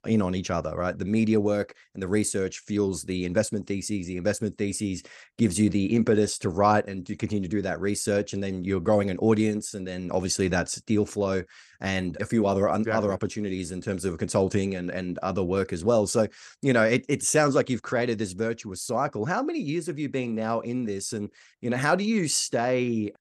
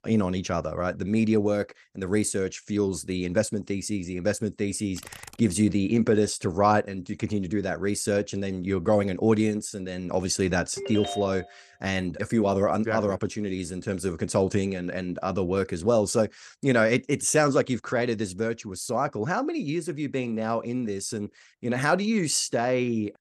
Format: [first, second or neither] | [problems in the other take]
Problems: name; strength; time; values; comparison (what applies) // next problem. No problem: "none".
first | keyboard typing; faint; at 5 s; peak 15 dB below the speech // phone ringing; noticeable; at 11 s; peak 7 dB below the speech